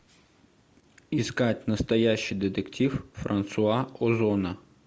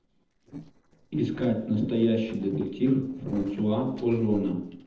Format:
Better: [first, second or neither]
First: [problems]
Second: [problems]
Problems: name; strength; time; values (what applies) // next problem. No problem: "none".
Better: first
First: none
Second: noise reduction (neural separator model SepFormer DNS4)